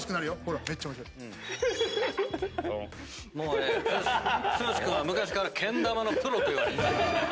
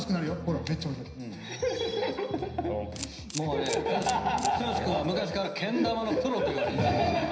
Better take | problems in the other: first | background sound (Camera); 14 dB below the speech // room echo; dies away in 0.9 s

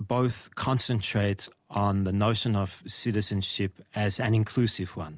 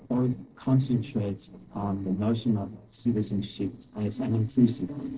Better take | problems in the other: first | noise reduction (neural separator model SepFormer DNS4)

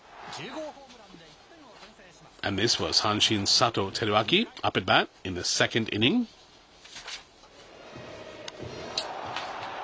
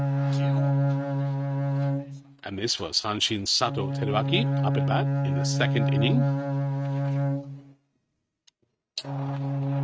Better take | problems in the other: first | noise reduction (neural mask model RNNoise)

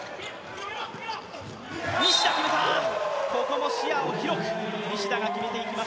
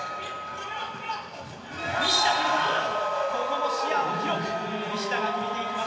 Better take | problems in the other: first | background sound (Wind instrument, woodwind instrument); 8 dB below the speech // room echo; dies away in 1.4 s

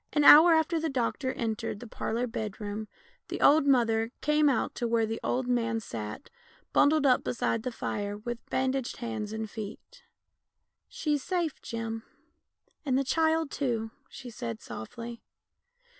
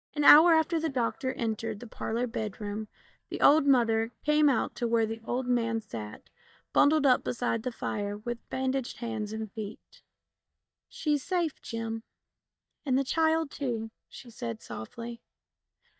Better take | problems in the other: first | noise reduction (neural mask model DeepFilterNet 3)

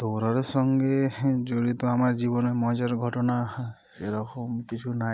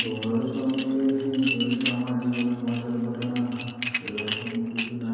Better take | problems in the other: first | background sound (Dishes, pots, and pans); 8 dB below the speech // room echo; dies away in 2.2 s

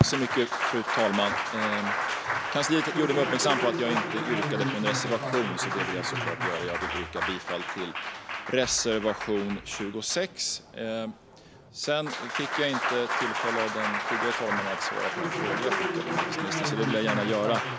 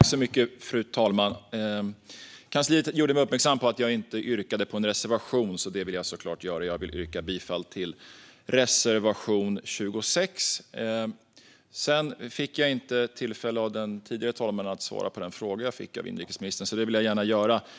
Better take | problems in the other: second | background sound (Applause); 1 dB below the speech

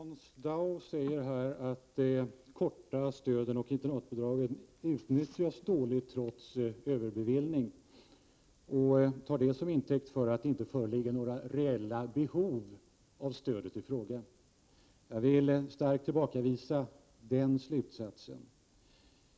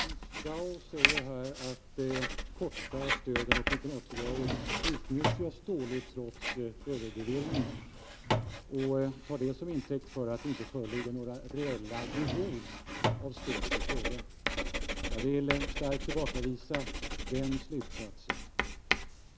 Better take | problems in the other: first | background sound (Writing + Drawer open or close); 1 dB above the speech

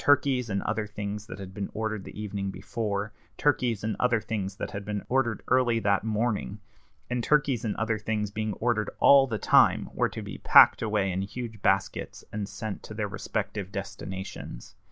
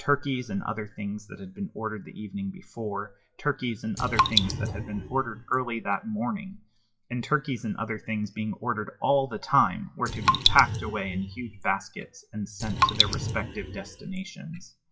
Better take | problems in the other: first | noise reduction (classical method WPE with log-MMSE)

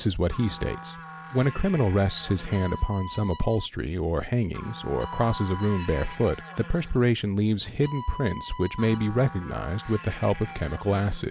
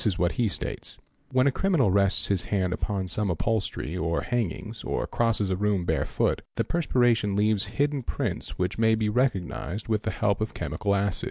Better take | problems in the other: second | background sound (Bowed string instrument + Musical instrument); 15 dB below the speech

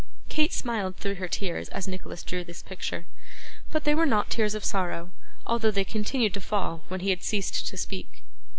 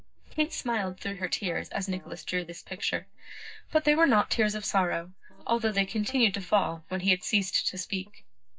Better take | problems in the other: first | noise reduction (neural mask model DeepFilterNet 3)

